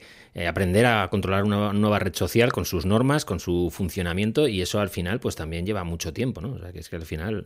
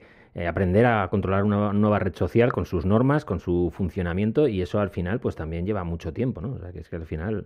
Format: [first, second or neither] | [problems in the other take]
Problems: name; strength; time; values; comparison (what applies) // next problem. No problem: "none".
first | muffled; very; fading above 3 kHz